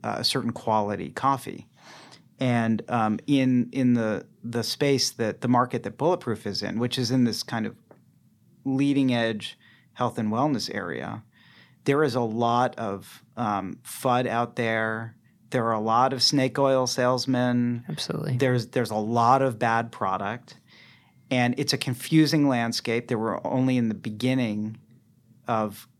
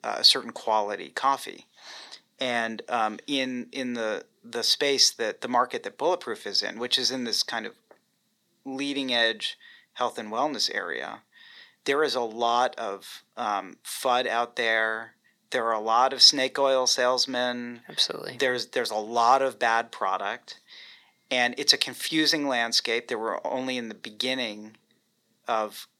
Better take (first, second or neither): first